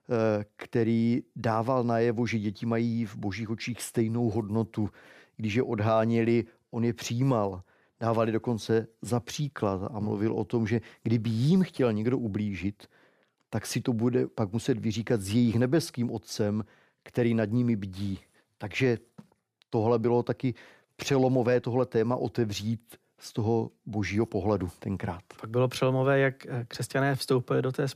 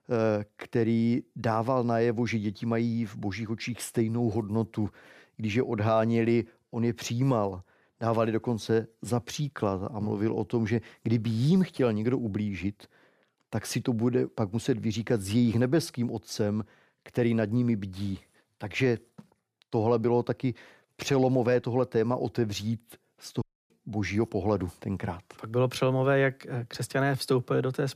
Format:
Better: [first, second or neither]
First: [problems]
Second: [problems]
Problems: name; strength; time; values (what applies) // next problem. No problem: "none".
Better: first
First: none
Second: audio cutting out; at 23 s